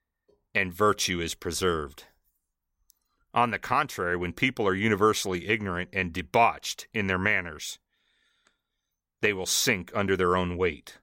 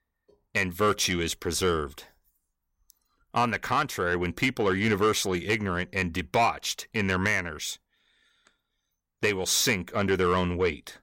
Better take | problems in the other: first | distortion; slight; 10 dB below the speech

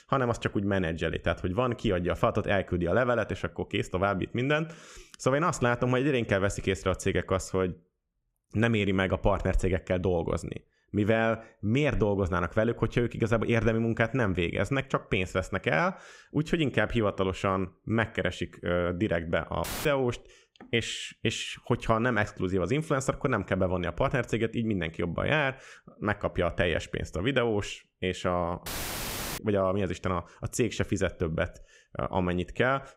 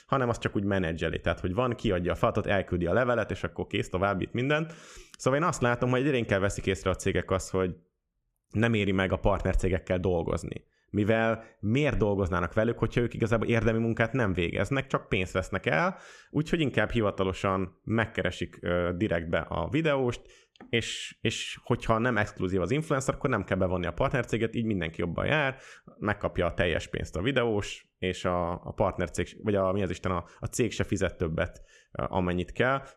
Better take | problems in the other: second | audio cutting out; filled with static; at 20 s and at 29 s for 0.5 s

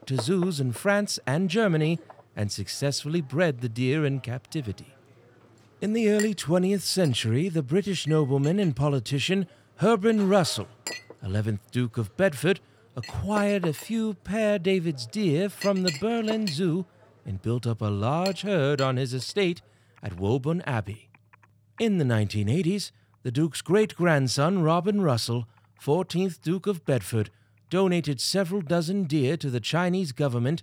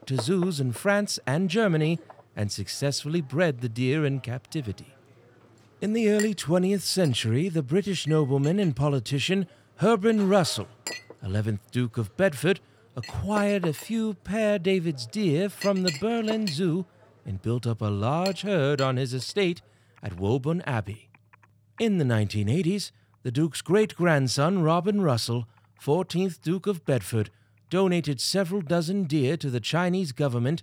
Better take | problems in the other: neither | household noises; noticeable; throughout; 15 dB below the speech; the same in both

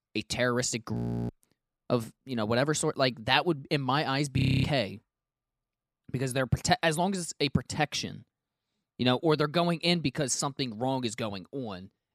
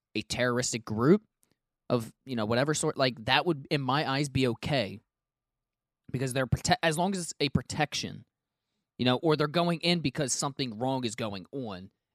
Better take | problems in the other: second | audio freezing; at 1 s and at 4.5 s

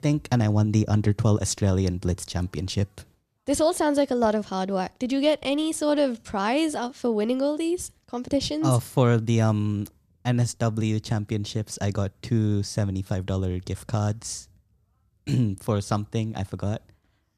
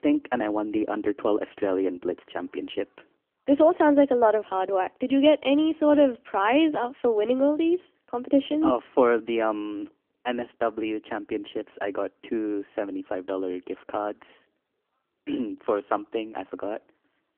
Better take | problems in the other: first | phone-call audio; nothing above 3.5 kHz

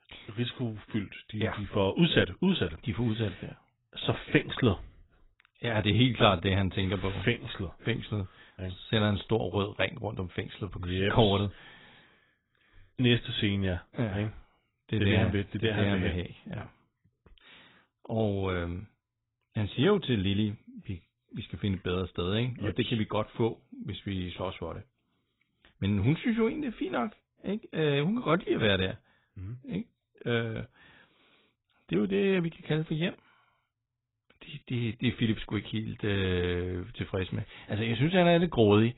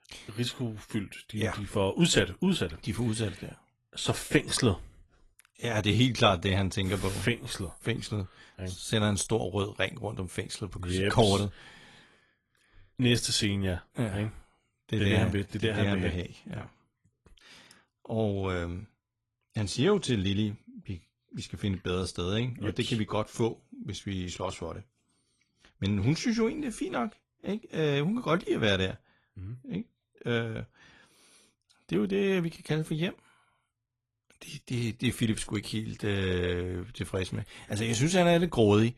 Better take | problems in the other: second | garbled, watery; badly; nothing above 4 kHz; slightly in the second

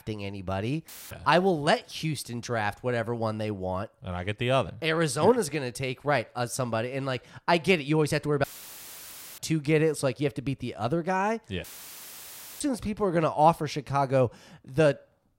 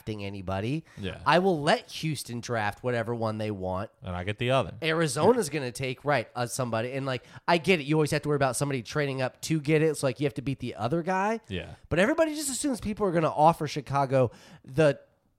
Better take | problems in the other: second | audio cutting out; filled with static; at 1 s, at 8.5 s for 1 s and at 12 s for 1 s

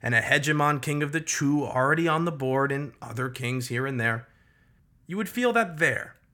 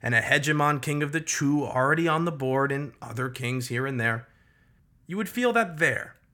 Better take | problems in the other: neither | none

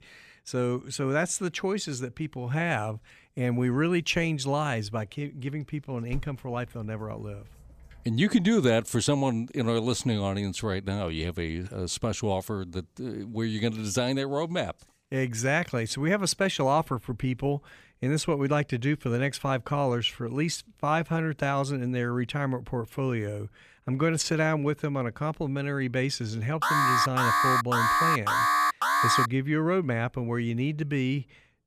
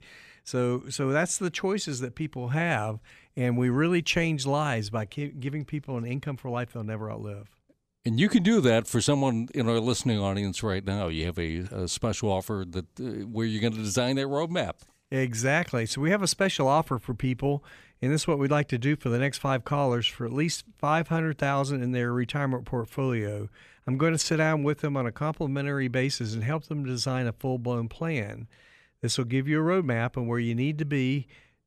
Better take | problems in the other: second | dog barking; faint; at 6 s; peak 15 dB below the speech // alarm; loud; from 27 to 29 s; peak 6 dB above the speech

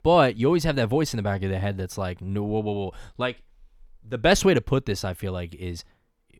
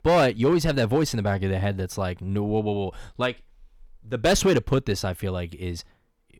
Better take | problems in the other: first | distortion; slight; 4% of the sound clipped

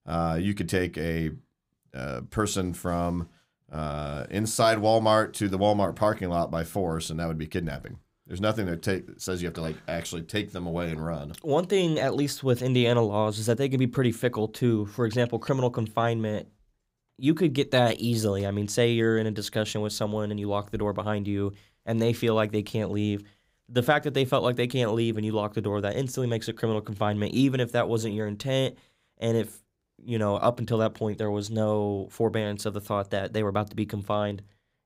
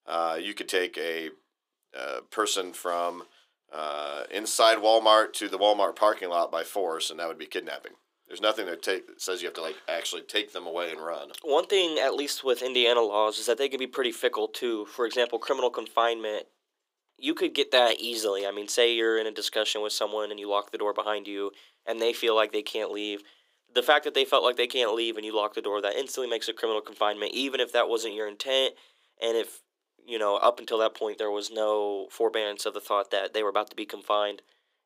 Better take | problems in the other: first | thin; very; fading below 350 Hz

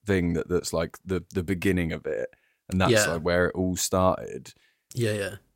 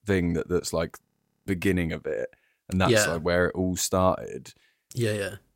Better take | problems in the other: first | audio freezing; at 1 s

